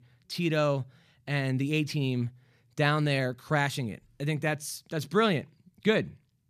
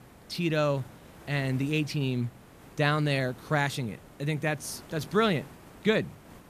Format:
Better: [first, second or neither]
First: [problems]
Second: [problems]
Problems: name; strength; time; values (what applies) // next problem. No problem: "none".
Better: first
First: none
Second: hiss; faint; throughout; 20 dB below the speech